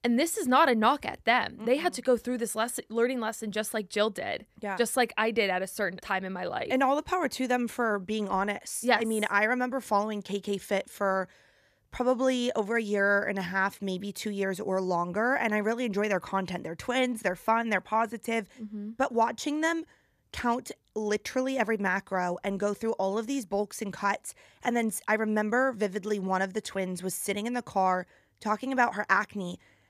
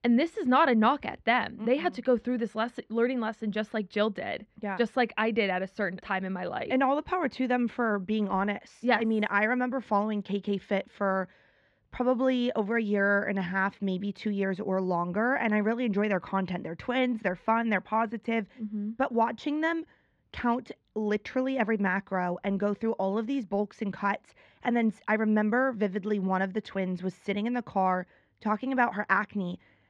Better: first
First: none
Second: muffled; slightly; fading above 3.5 kHz

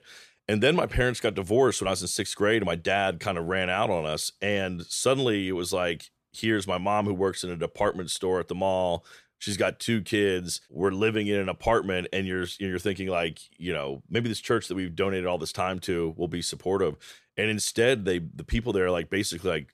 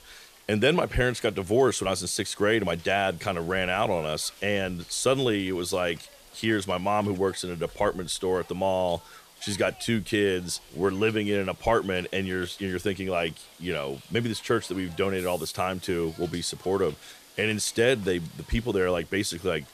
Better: first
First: none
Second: hiss; faint; throughout; 20 dB below the speech

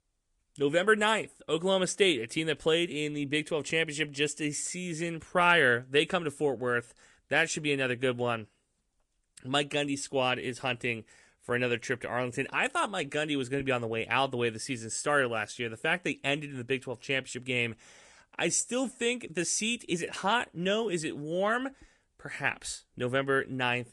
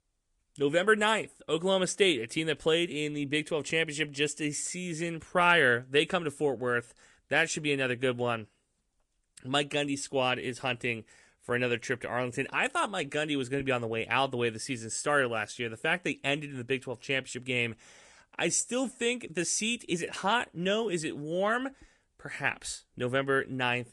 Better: neither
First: garbled, watery; slightly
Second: garbled, watery; slightly

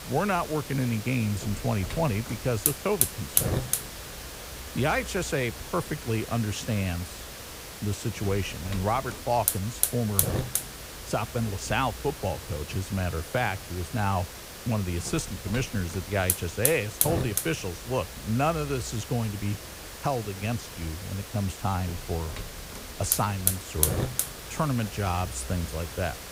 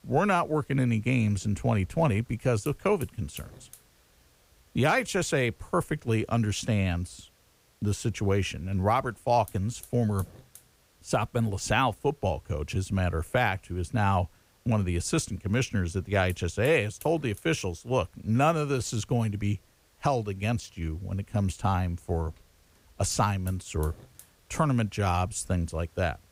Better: second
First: hiss; loud; throughout; 2 dB below the speech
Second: hiss; faint; throughout; 25 dB below the speech

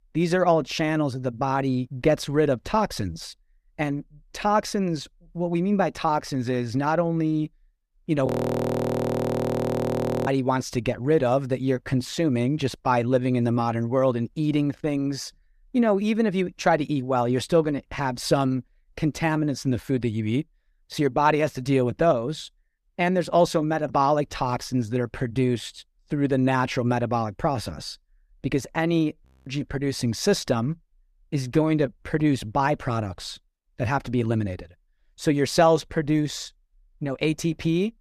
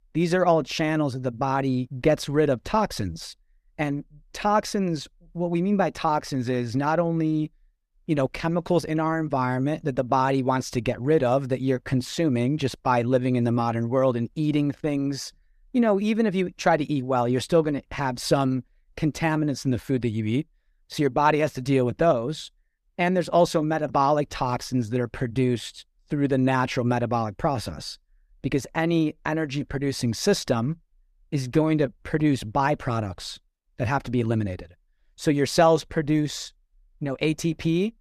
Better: second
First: audio freezing; at 8.5 s for 2 s and at 29 s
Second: none

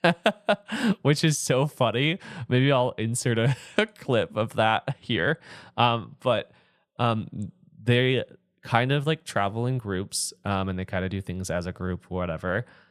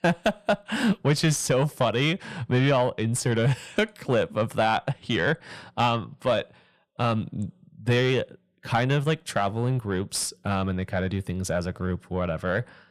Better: first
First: none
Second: distortion; slight; 10 dB below the speech

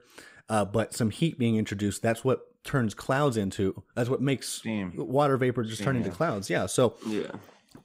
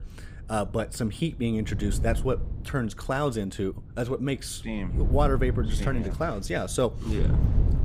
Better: first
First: none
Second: wind noise on the microphone; occasional gusts; 10 dB below the speech

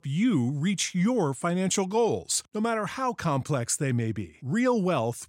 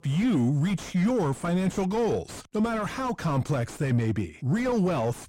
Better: first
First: none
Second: distortion; heavy; 6 dB below the speech

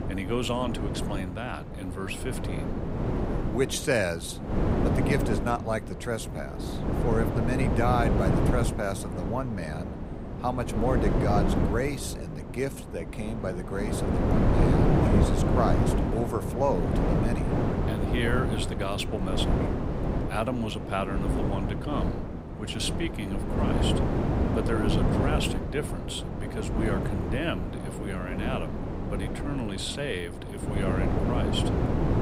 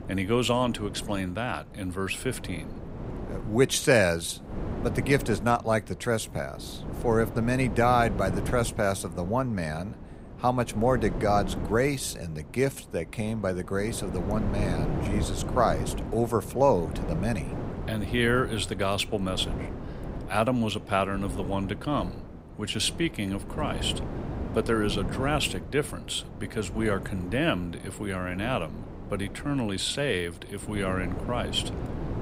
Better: second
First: wind noise on the microphone; heavy; 1 dB below the speech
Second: wind noise on the microphone; occasional gusts; 15 dB below the speech

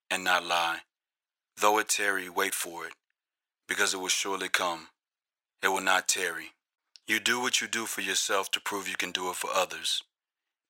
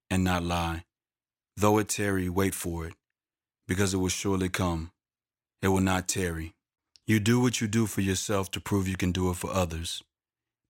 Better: second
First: thin; very; fading below 650 Hz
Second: none

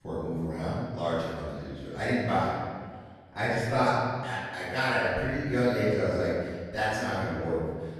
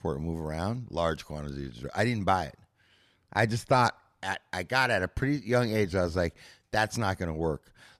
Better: second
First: off-mic speech; far // room echo; strong; dies away in 1.6 s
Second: none

